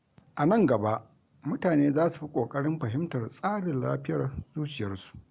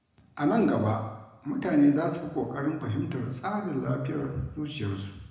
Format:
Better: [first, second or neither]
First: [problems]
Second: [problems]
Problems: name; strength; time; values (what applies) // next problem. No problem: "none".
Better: first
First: none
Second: room echo; dies away in 0.9 s